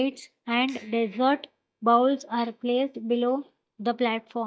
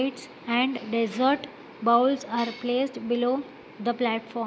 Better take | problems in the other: second | noise reduction (neural mask model DeepFilterNet 3)

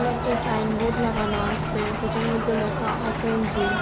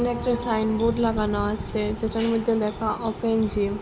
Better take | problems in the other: second | background sound (Applause / Cheering + Cricket); 1 dB below the speech

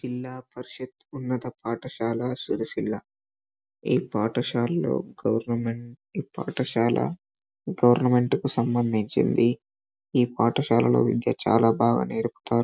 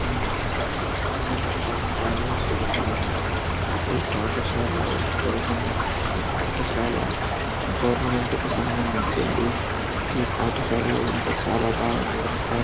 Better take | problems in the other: first | background sound (Stream / Trickle, dribble); 4 dB above the speech

